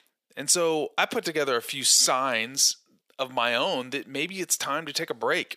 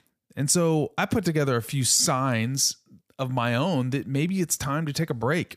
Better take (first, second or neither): second